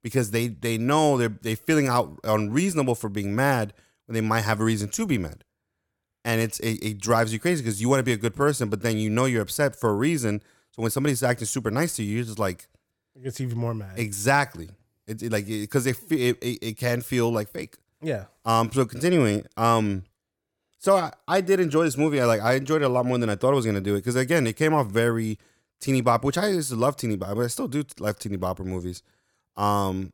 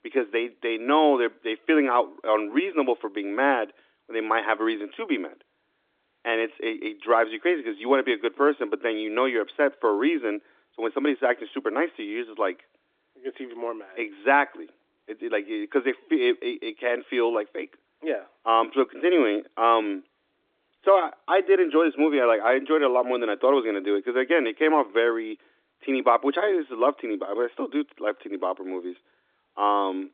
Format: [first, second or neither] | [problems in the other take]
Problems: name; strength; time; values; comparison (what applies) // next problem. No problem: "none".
first | phone-call audio; nothing above 3.5 kHz